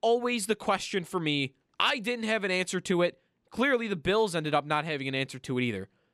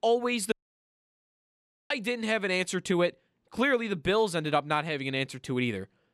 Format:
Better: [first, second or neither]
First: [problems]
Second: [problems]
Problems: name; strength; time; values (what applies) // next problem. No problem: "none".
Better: first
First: none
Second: audio cutting out; at 0.5 s for 1.5 s